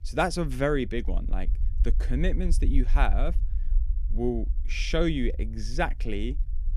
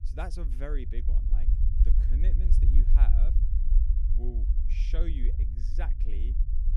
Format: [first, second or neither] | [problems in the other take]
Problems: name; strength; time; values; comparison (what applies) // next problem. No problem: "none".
first | low rumble; loud; throughout; 4 dB below the speech; faint in the first